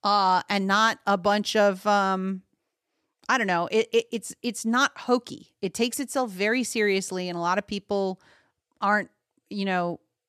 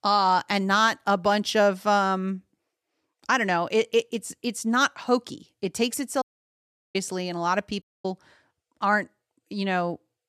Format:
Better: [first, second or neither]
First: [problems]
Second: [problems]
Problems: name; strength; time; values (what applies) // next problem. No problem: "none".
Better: first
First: none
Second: audio cutting out; at 6 s for 0.5 s and at 8 s